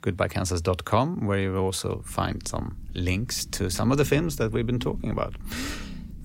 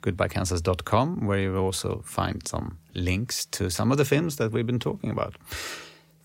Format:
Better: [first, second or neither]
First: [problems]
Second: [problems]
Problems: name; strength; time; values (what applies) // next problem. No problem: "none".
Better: second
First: low rumble; noticeable; from 2 s on; 20 dB below the speech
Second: none